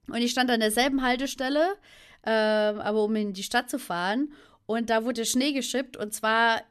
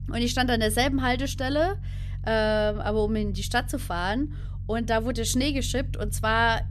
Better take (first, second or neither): first